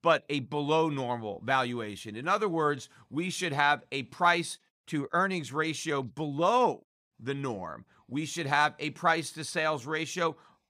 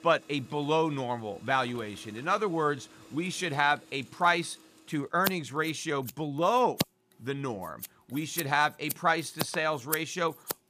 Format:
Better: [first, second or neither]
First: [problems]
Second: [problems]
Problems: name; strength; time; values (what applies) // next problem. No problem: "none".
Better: first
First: none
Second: household noises; loud; throughout; 8 dB below the speech